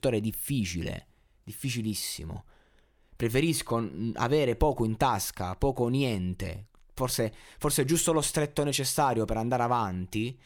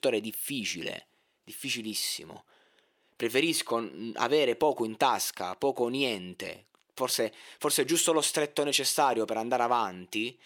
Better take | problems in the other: first | thin; somewhat; fading below 350 Hz

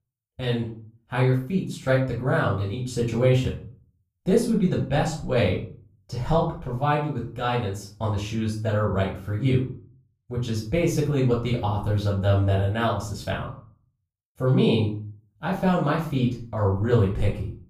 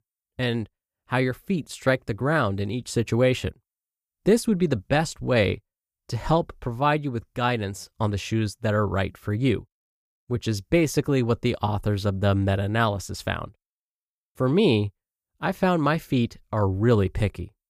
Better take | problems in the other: second | off-mic speech; far // room echo; slight; dies away in 0.4 s

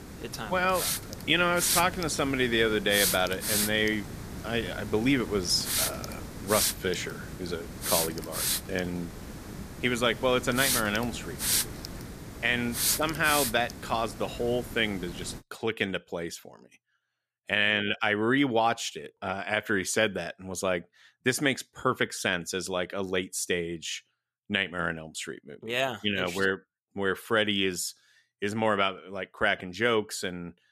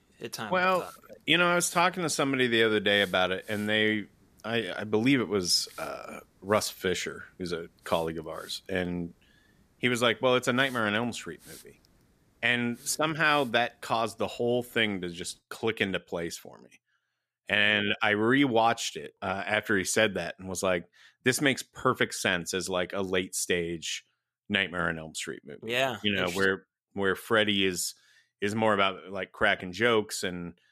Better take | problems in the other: second | hiss; loud; until 15 s; 2 dB below the speech; faint in the second

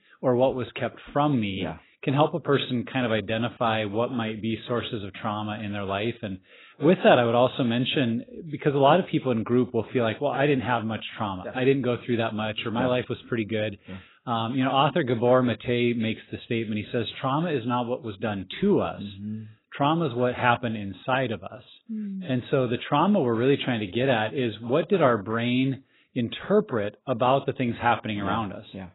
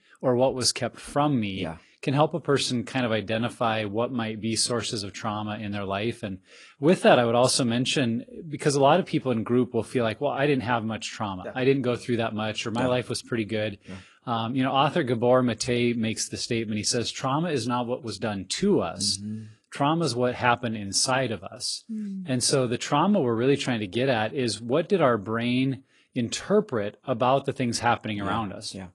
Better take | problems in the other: second | garbled, watery; badly; nothing above 4 kHz; slightly in the second

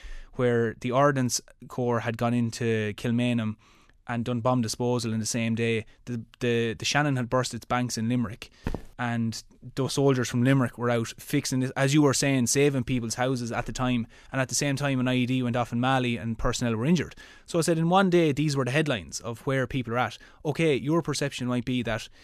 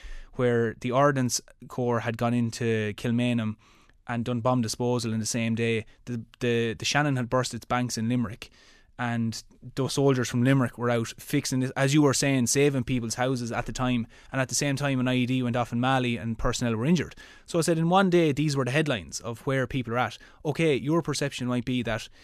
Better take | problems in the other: second | footsteps; faint; at 8.5 s; peak 10 dB below the speech

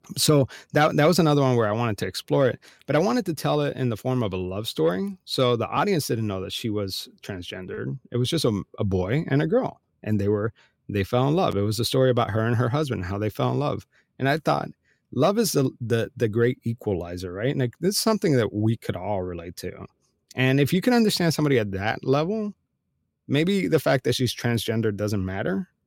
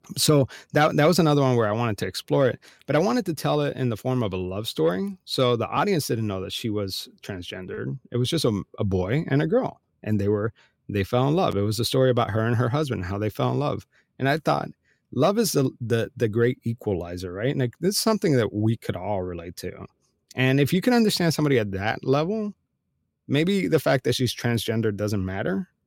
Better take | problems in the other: neither | none

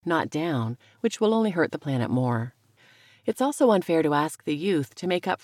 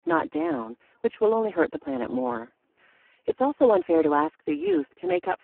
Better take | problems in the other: first | phone-call audio; poor line

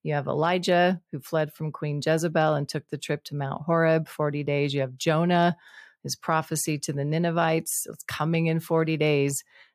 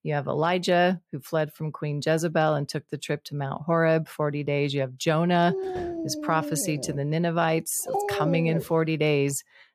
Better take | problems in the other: first | dog barking; noticeable; from 5.5 to 8.5 s; peak 2 dB below the speech

